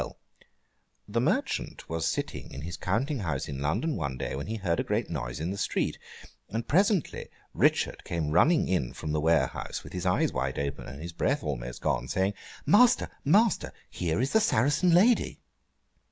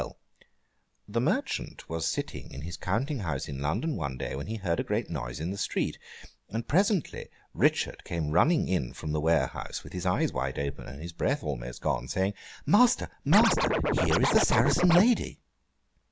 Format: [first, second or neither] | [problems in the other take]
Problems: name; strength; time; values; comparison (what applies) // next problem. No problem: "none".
first | background sound (Scratching (performance technique)); 2 dB above the speech